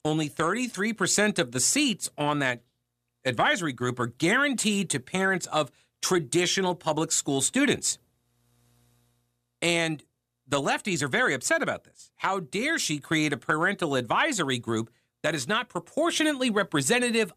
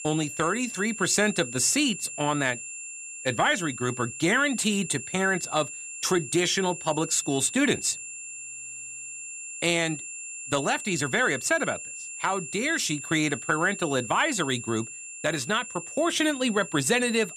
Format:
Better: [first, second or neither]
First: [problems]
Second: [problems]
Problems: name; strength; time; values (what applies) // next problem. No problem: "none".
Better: first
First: none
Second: high-pitched whine; loud; throughout; 7.5 kHz, 10 dB below the speech